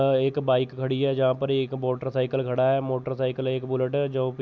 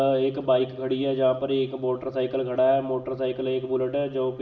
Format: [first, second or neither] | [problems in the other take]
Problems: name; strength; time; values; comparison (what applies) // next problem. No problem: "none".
first | room echo; dies away in 1.5 s